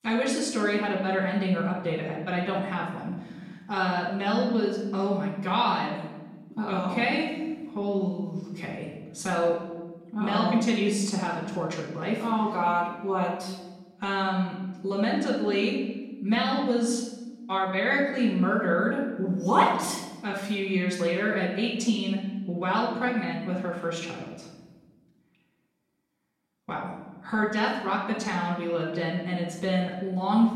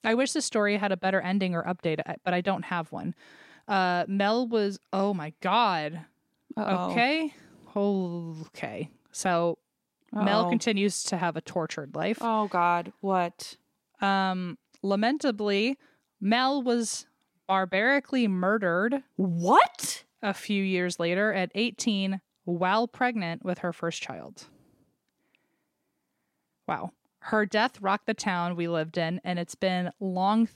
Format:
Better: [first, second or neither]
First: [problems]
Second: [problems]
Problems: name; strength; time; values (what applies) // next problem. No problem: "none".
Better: second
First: off-mic speech; far // room echo; noticeable; dies away in 1.1 s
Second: none